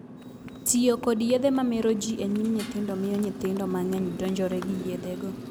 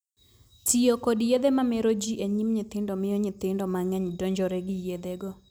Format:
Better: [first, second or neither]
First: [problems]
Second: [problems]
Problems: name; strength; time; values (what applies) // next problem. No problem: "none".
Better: second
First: background sound (Motorcycle); 11 dB below the speech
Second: none